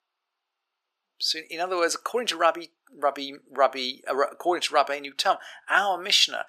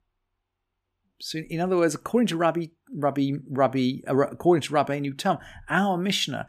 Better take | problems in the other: second | thin; very; fading below 500 Hz

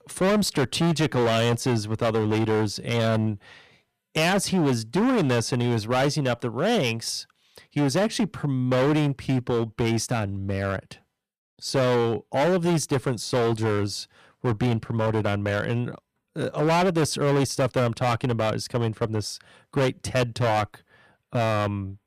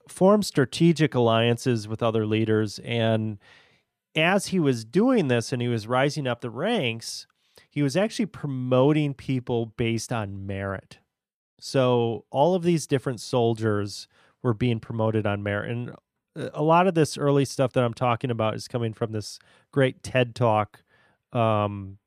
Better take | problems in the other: second | distortion; heavy; 17% of the sound clipped

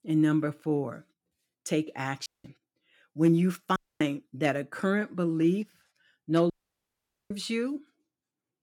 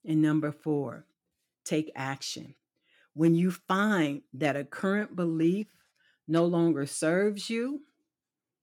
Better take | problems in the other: second | audio cutting out; at 2.5 s, at 4 s and at 6.5 s for 1 s

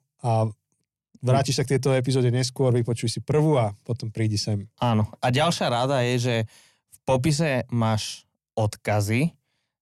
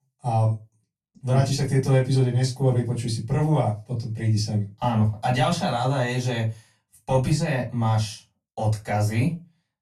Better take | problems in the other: first | off-mic speech; far // room echo; very slight; dies away in 0.2 s

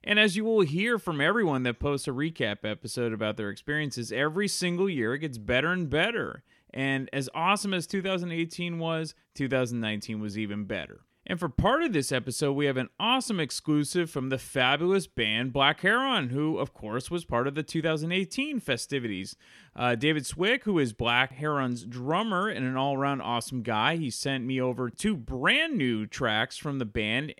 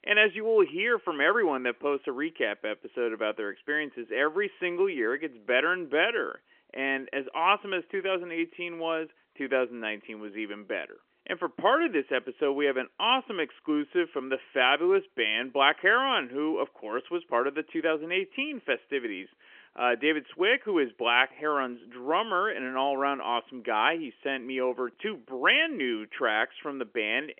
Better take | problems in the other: first | phone-call audio; nothing above 3.5 kHz

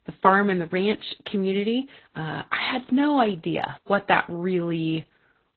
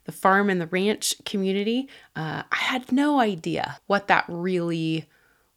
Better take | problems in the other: second | garbled, watery; badly; nothing above 4 kHz

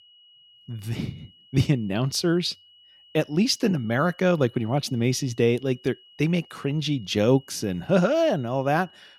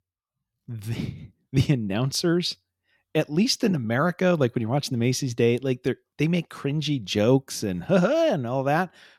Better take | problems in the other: second | high-pitched whine; faint; throughout; 3 kHz, 25 dB below the speech

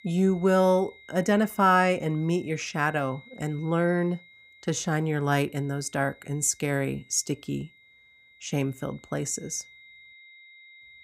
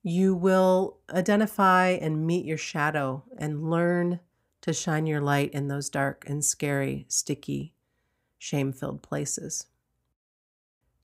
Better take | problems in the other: second | high-pitched whine; faint; throughout; 2 kHz, 25 dB below the speech

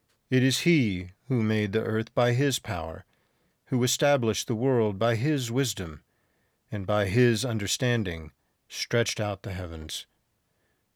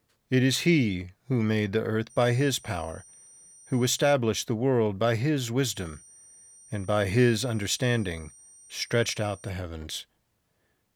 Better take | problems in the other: first | high-pitched whine; faint; from 2 to 4 s and from 5.5 to 9.5 s; 8.5 kHz, 25 dB below the speech

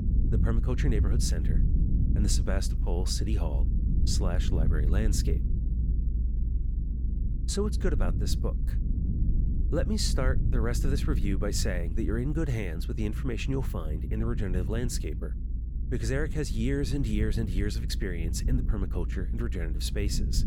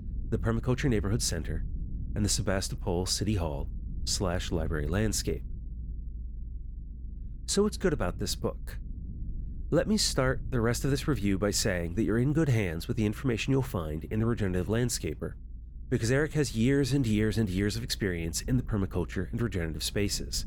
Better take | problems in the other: second | low rumble; loud; throughout; 9 dB below the speech; faint in the second

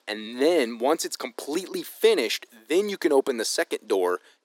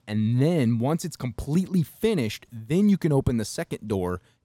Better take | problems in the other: second | thin; very; fading below 300 Hz

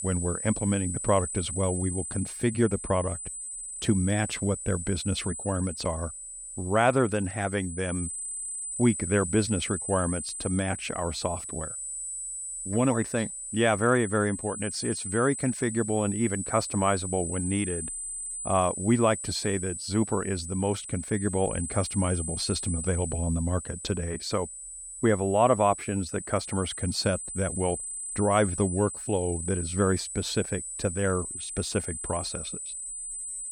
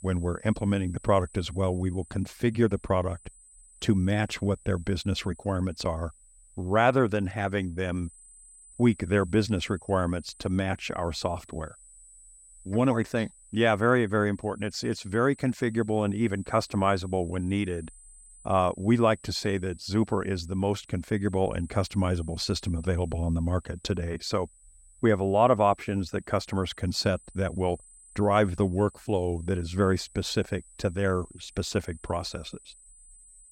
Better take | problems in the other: second | high-pitched whine; loud; throughout; 8 kHz, 6 dB below the speech; faint in the second

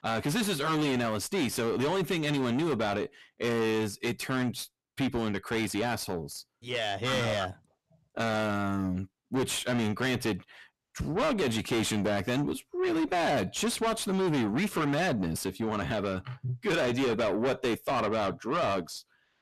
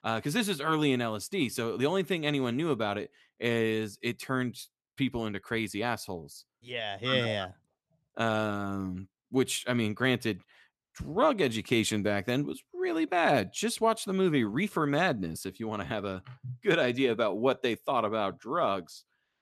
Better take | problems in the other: second | distortion; heavy; 6 dB below the speech

